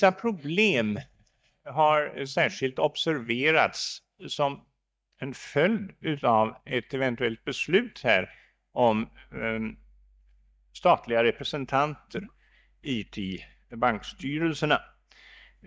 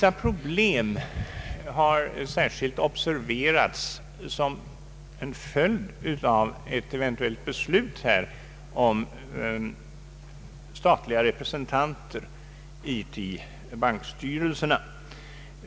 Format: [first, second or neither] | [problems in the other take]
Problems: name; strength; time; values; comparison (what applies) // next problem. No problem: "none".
second | noise reduction (neural mask model DeepFilterNet 3)